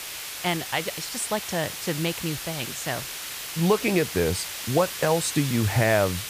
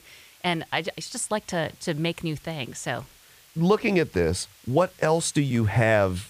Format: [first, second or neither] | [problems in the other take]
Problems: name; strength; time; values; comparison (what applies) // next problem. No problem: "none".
second | hiss; loud; throughout; 6 dB below the speech; faint in the second